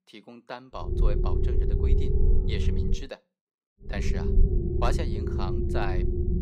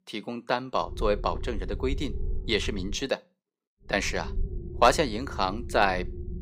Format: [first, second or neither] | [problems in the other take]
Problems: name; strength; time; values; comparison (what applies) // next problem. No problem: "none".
second | low rumble; loud; from 1 to 3 s and from 4 s on; as loud as the speech; faint in the second